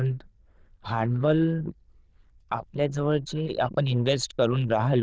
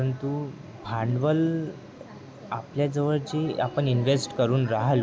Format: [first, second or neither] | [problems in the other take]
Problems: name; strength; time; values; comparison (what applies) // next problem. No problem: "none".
second | noise reduction (neural diffusion model UNIVERSE++)